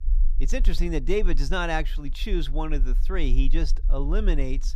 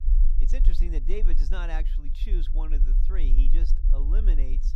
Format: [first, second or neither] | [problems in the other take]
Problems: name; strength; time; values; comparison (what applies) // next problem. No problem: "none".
first | low rumble; loud; throughout; 9 dB below the speech; faint in the first